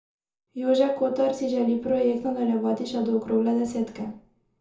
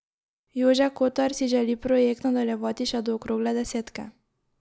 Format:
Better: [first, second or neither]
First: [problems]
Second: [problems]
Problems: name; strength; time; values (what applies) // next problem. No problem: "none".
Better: second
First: room echo; dies away in 0.5 s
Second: none